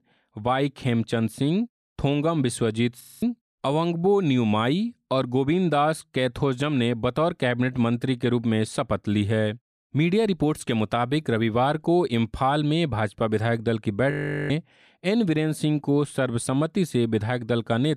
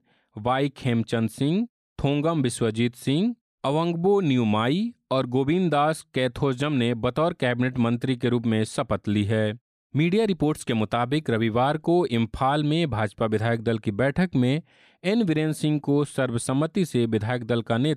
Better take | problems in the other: second | audio freezing; at 3 s and at 14 s

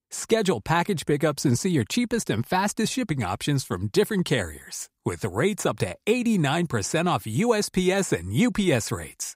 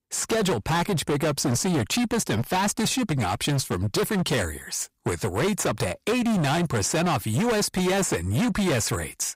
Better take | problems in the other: first | distortion; heavy; 27% of the sound clipped

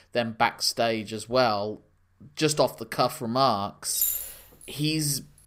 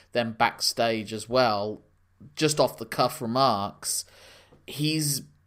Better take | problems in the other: second | jangling keys; loud; at 4 s; peak 1 dB above the speech

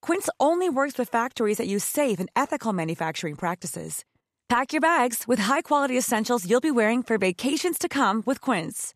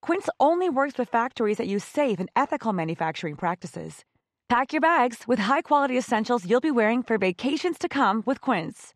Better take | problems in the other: first | muffled; slightly; fading above 4 kHz

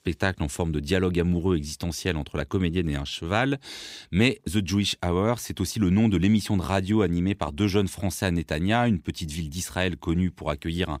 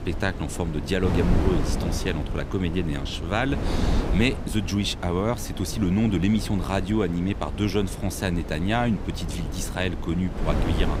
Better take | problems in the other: first | wind noise on the microphone; heavy; 7 dB below the speech

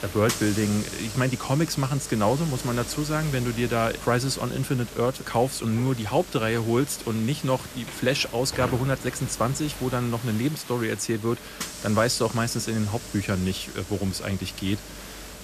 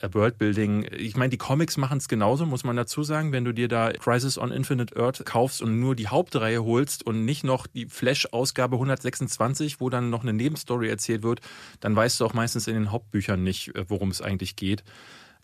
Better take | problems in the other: second | hiss; noticeable; throughout; 10 dB below the speech

